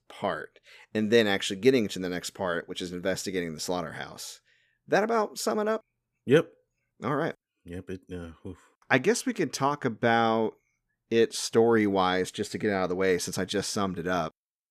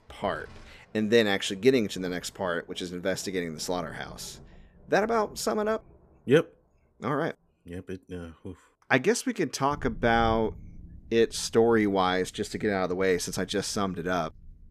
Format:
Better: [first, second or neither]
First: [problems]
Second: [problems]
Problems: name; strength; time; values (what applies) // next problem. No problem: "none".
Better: first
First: none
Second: rain or running water; faint; throughout; 20 dB below the speech